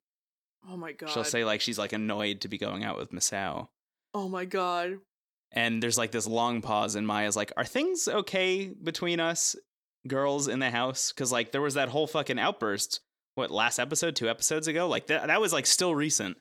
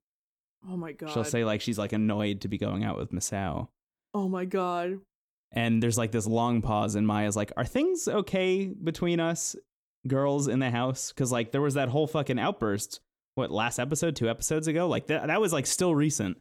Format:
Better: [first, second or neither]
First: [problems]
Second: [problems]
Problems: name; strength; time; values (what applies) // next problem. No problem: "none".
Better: second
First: thin; very slightly; fading below 500 Hz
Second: none